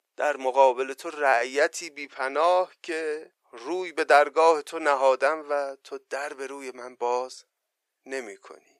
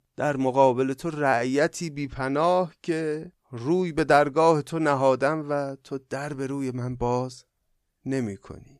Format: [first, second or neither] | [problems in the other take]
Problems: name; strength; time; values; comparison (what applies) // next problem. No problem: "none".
second | thin; very; fading below 450 Hz